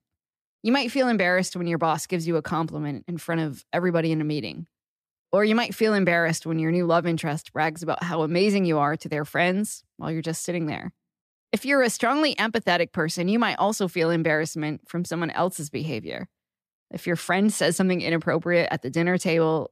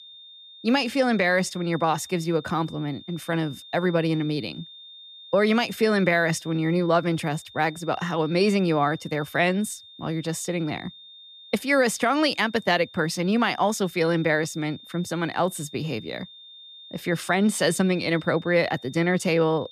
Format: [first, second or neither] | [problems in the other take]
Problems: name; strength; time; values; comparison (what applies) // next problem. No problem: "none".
first | high-pitched whine; noticeable; throughout; 3.5 kHz, 20 dB below the speech